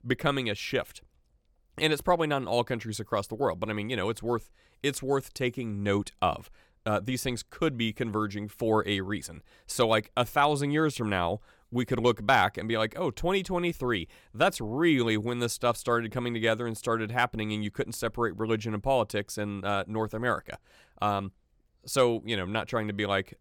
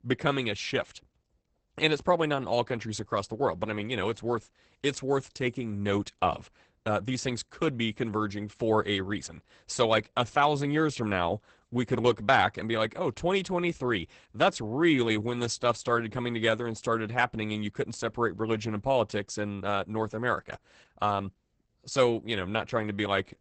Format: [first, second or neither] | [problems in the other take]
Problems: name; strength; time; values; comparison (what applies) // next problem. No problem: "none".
first | garbled, watery; badly; nothing above 8 kHz